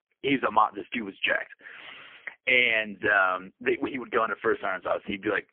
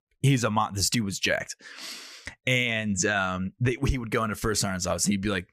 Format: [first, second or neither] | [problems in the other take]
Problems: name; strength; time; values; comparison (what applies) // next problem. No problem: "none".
second | phone-call audio; poor line; nothing above 3 kHz